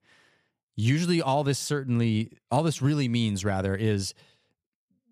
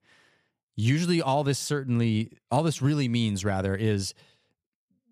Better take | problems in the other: neither | none

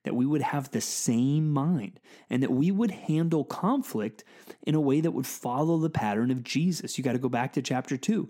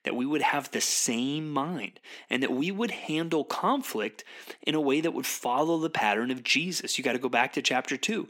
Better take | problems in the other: first | thin; somewhat; fading below 350 Hz

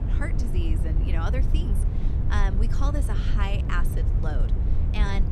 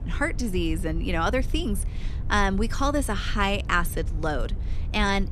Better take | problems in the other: second | low rumble; loud; throughout; 5 dB below the speech; faint in the second

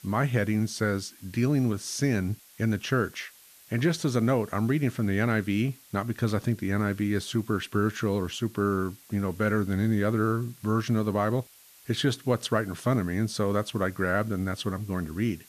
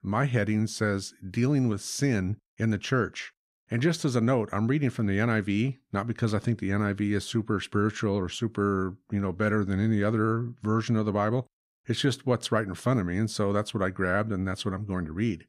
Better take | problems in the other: second | hiss; faint; throughout; 25 dB below the speech

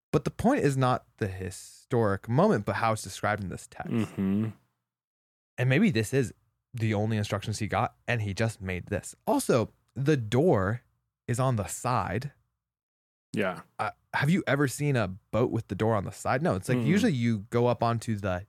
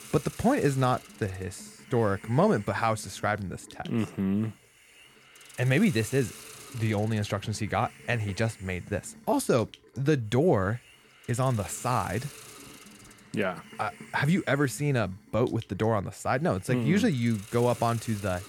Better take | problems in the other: first | hiss; noticeable; throughout; 20 dB below the speech

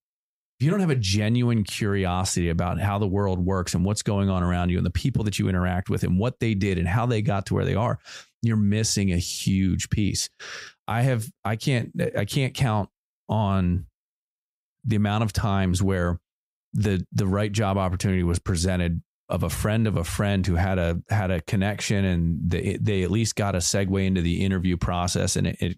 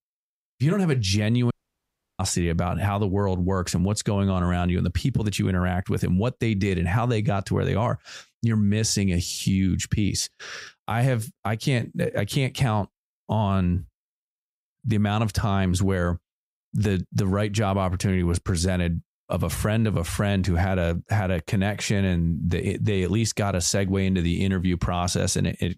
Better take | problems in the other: first | audio cutting out; at 1.5 s for 0.5 s

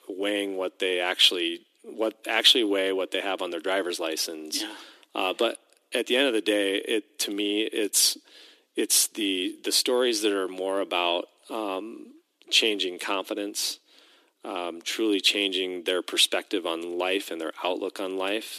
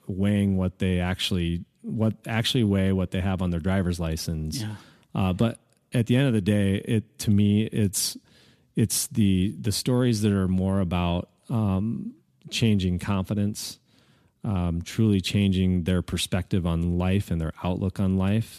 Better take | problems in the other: second | thin; very; fading below 300 Hz

